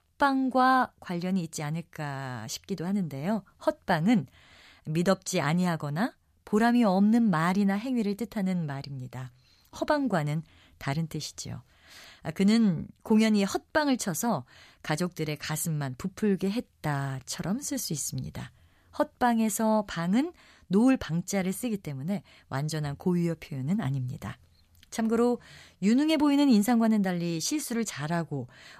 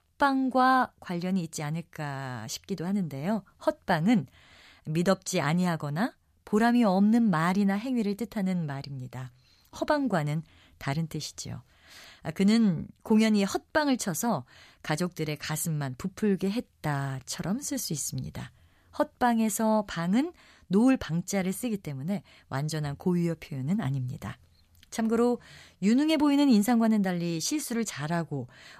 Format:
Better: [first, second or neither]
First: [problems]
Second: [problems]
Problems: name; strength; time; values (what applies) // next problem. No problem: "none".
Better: neither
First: none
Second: none